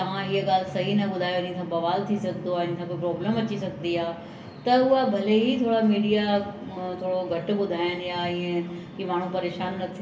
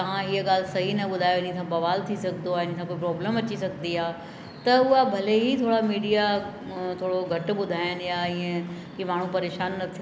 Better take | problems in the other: second | room echo; dies away in 0.3 s

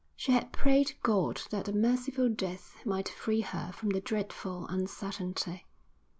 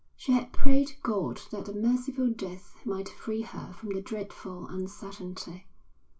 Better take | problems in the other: first | room echo; dies away in 0.2 s

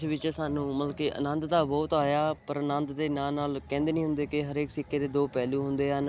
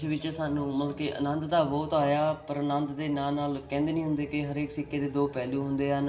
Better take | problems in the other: first | room echo; dies away in 0.6 s

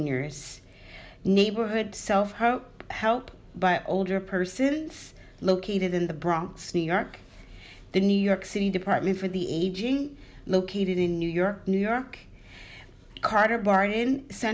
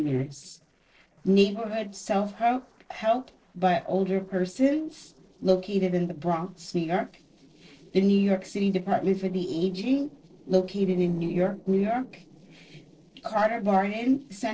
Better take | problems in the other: first | noise reduction (neural separator model SepFormer DNS4)

